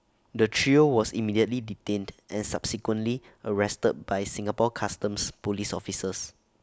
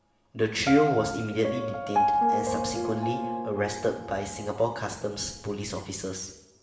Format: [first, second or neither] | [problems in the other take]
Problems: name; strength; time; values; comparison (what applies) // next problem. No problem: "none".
first | background sound (Piano); 2 dB below the speech // room echo; dies away in 0.8 s